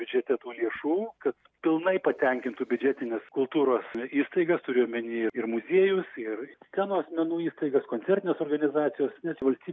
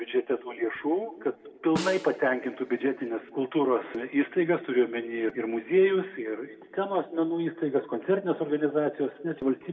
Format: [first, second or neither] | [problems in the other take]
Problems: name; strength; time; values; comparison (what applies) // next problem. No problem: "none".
first | background sound (Snare drum); 11 dB below the speech // room echo; dies away in 1.4 s